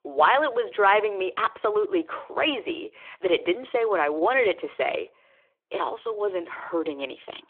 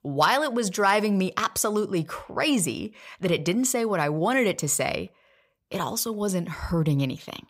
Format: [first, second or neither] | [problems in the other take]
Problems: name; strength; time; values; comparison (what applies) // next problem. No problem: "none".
second | phone-call audio